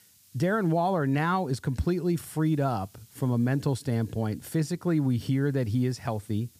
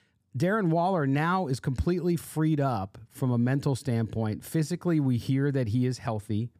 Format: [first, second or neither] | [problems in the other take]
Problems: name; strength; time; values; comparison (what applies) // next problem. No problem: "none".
second | hiss; faint; throughout; 30 dB below the speech